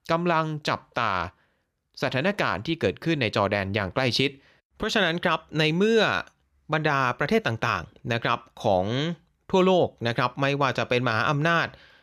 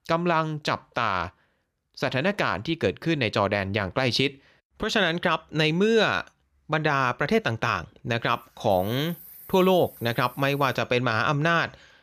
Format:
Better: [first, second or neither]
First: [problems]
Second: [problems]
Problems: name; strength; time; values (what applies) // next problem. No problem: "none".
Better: first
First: none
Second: animal sounds; faint; from 8.5 s on; 20 dB below the speech